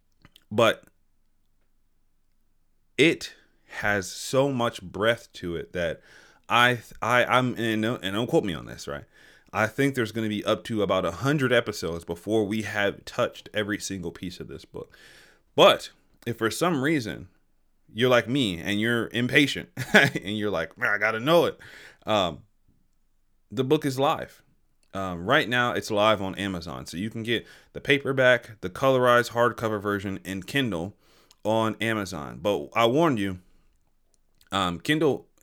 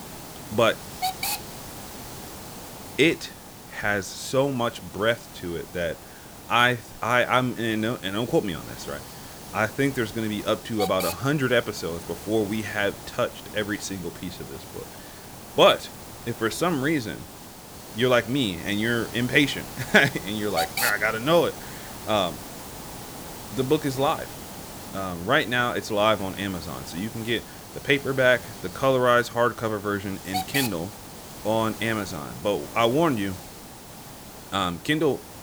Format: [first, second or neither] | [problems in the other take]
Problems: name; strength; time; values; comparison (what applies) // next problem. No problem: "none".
first | hiss; noticeable; throughout; 10 dB below the speech